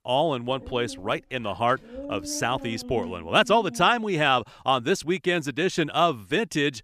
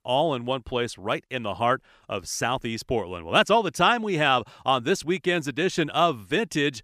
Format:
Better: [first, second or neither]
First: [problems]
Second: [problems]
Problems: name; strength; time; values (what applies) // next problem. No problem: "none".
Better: second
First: dog barking; faint; until 4 s; peak 10 dB below the speech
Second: none